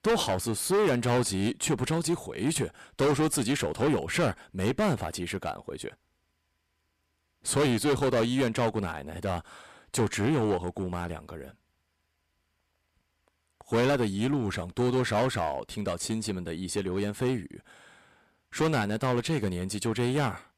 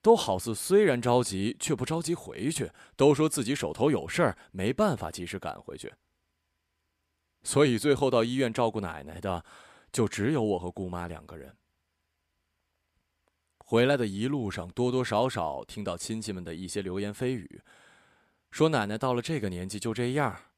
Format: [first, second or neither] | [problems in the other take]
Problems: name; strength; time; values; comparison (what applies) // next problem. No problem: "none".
second | distortion; heavy; 9% of the sound clipped